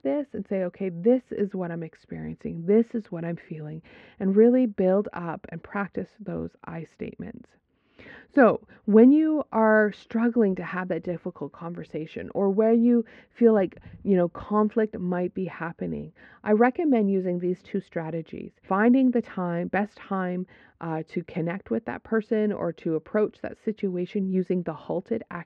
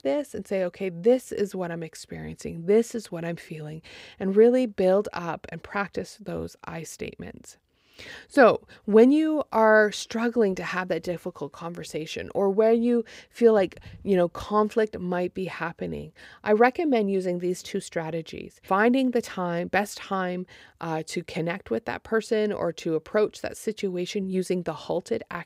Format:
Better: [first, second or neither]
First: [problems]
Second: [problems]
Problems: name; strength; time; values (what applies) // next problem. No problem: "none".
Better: second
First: muffled; very; fading above 2 kHz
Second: none